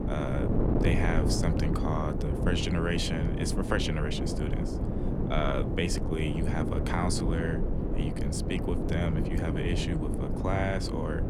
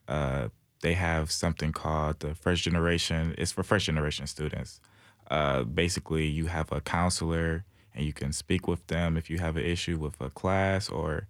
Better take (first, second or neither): second